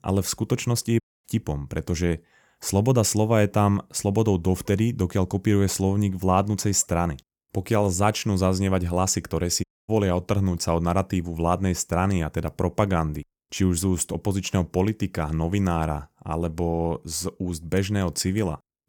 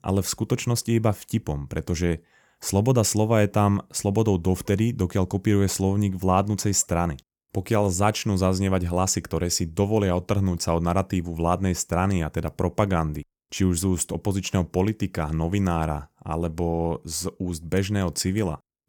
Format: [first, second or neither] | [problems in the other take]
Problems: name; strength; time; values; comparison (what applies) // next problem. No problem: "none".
second | audio cutting out; at 1 s and at 9.5 s